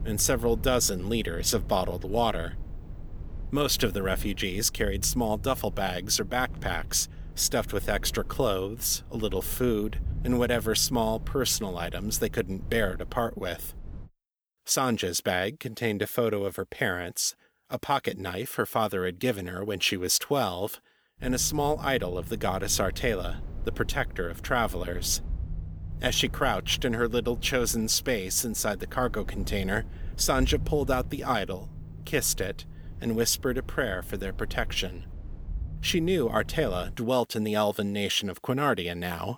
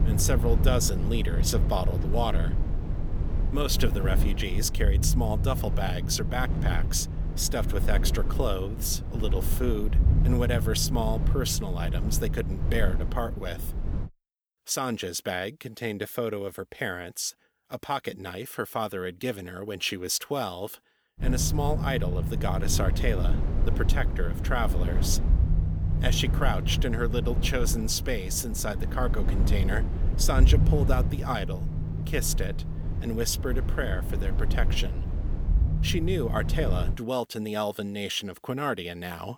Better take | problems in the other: first | low rumble; loud; until 14 s and from 21 to 37 s; 10 dB below the speech; faint in the first

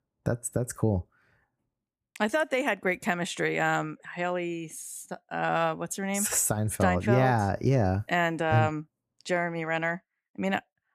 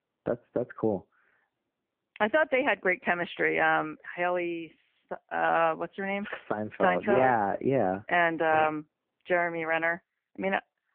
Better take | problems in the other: first | phone-call audio; poor line

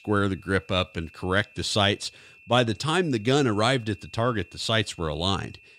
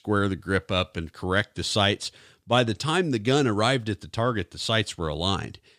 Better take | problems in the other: second | high-pitched whine; faint; throughout; 2.5 kHz, 25 dB below the speech

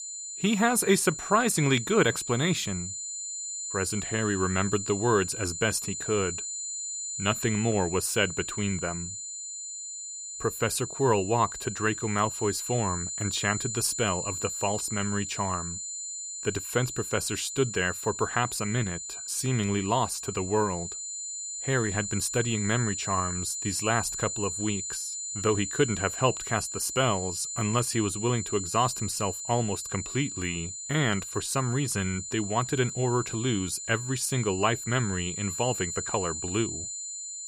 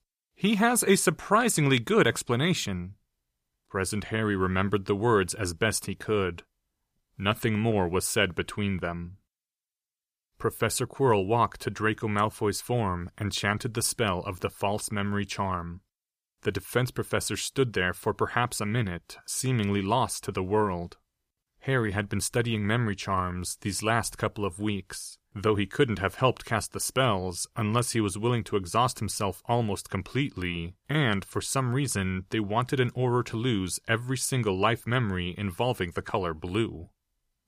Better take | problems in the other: second | high-pitched whine; loud; throughout; 7 kHz, 5 dB below the speech

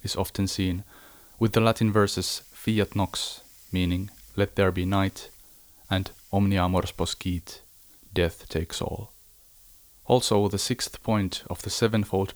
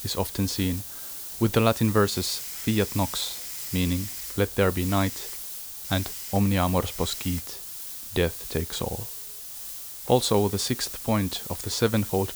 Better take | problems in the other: first | hiss; loud; throughout; 8 dB below the speech; faint in the first

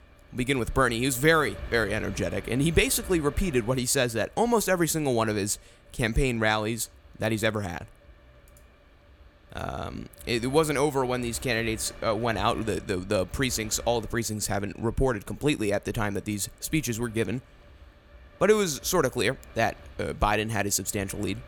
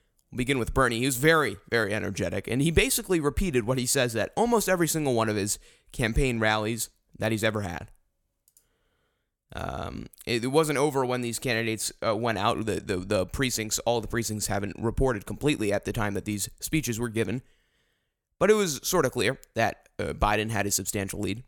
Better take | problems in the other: second | wind noise on the microphone; occasional gusts; 25 dB below the speech

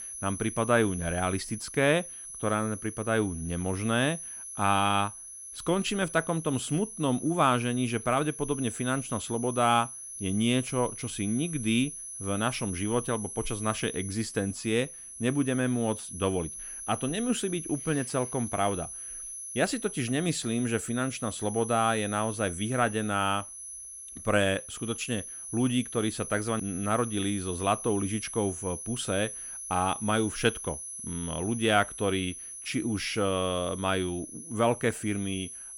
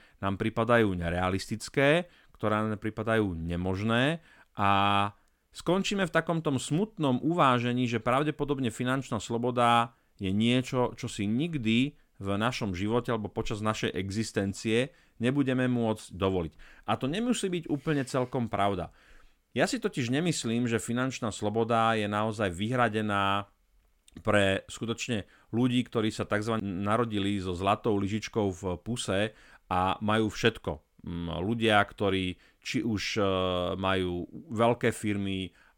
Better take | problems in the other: second | high-pitched whine; loud; throughout; 10.5 kHz, 9 dB below the speech

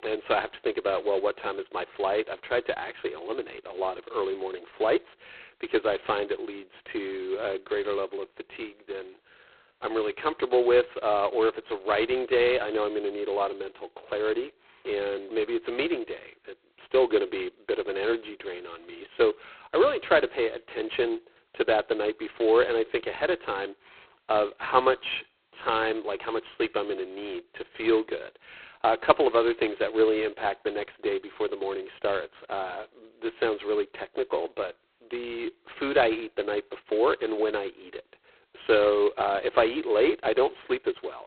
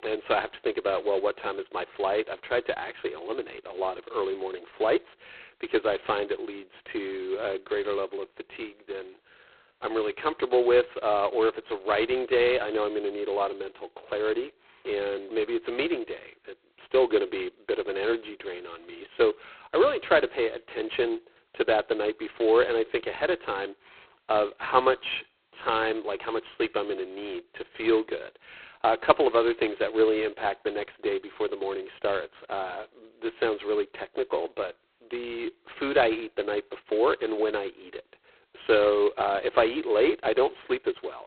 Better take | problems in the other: neither | phone-call audio; poor line; nothing above 4 kHz; the same in both

